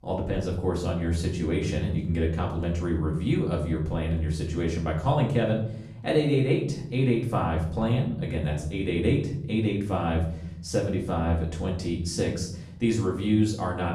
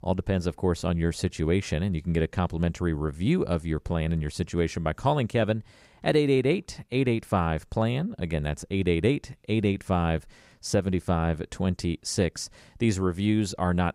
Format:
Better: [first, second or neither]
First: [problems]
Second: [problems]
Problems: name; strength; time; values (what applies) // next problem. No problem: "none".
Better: second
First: off-mic speech; far // room echo; noticeable; dies away in 0.8 s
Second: none